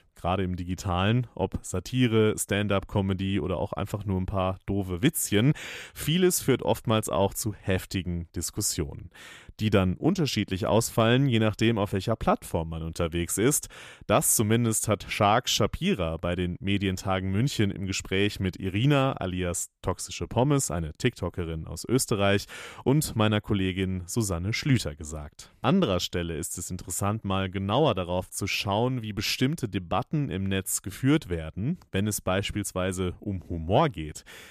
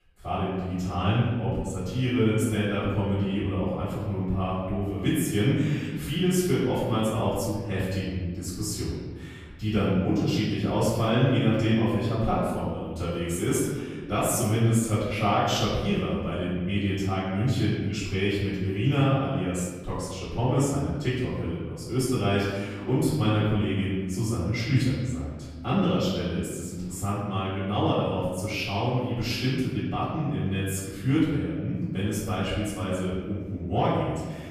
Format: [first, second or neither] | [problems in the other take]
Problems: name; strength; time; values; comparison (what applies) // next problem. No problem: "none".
first | off-mic speech; far // room echo; strong; dies away in 1.5 s